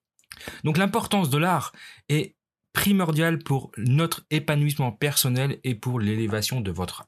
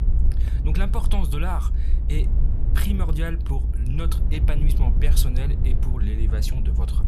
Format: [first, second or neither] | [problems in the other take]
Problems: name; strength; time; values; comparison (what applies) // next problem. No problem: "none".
first | low rumble; loud; throughout; 6 dB below the speech